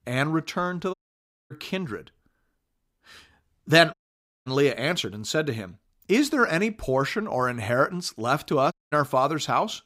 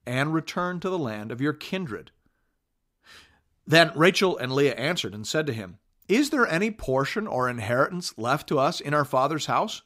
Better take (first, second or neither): second